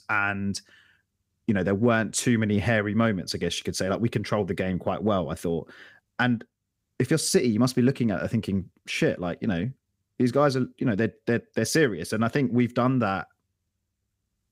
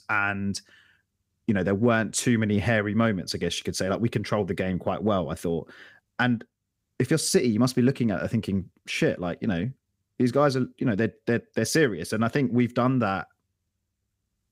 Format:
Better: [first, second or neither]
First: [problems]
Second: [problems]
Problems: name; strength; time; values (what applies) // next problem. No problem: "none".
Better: neither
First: none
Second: none